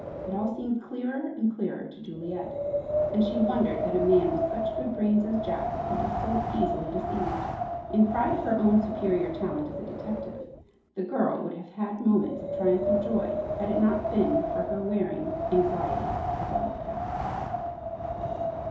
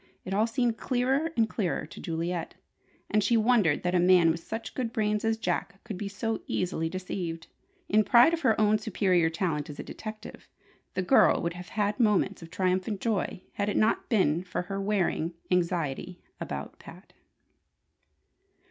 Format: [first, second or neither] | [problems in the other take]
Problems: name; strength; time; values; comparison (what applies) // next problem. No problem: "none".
second | background sound (Wind); 3 dB below the speech // room echo; dies away in 2.8 s